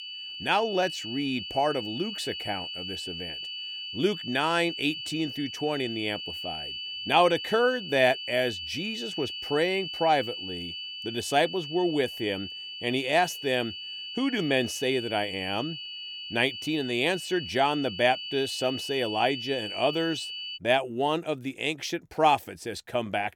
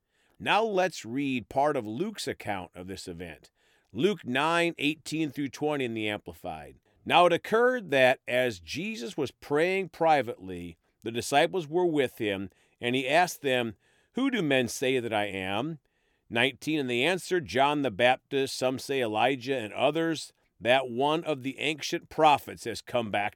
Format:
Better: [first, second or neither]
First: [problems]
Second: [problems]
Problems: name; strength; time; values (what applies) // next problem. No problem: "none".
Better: second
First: high-pitched whine; loud; until 21 s; 3 kHz, 7 dB below the speech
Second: none